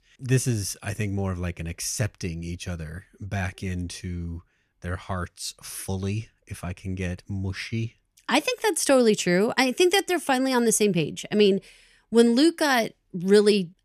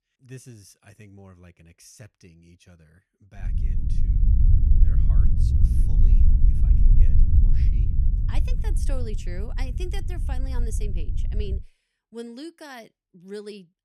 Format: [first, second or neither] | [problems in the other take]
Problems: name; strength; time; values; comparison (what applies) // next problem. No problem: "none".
first | low rumble; loud; from 3.5 to 12 s; as loud as the speech